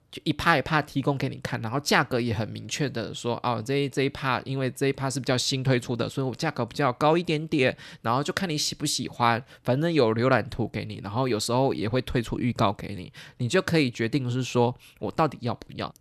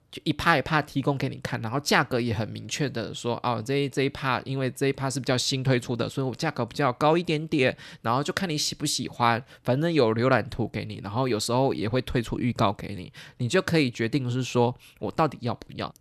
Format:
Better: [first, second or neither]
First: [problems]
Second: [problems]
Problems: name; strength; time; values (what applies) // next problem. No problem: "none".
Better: neither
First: none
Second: none